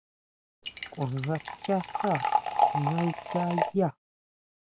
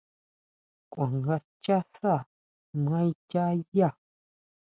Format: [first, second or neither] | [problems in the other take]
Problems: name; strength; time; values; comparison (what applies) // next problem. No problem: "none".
second | background sound (Liquid); 1 dB above the speech